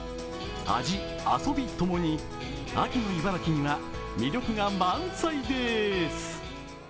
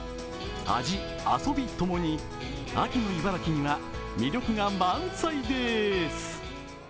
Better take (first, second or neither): second